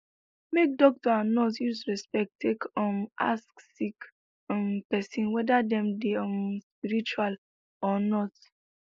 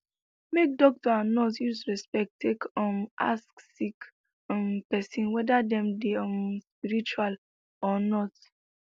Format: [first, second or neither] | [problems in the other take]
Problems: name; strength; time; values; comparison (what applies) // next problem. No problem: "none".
second | noise reduction (neural mask model Resemble Enhance denoiser)